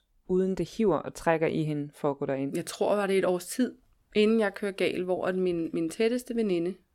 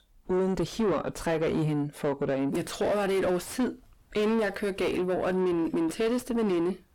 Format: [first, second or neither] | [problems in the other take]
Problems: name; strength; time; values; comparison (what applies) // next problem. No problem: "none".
first | distortion; heavy; 6 dB below the speech